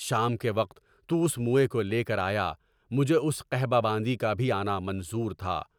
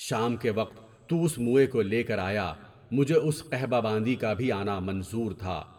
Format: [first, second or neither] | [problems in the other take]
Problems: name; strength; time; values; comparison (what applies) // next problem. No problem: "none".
first | room echo; dies away in 1.1 s